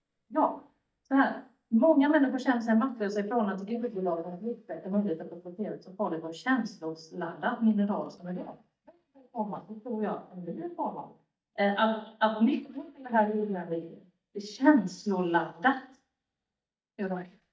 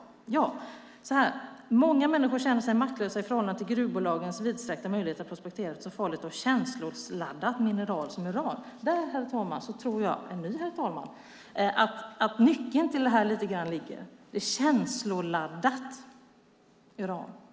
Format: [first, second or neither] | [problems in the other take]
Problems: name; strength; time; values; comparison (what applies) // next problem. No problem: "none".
second | noise reduction (neural mask model DeepFilterNet 3)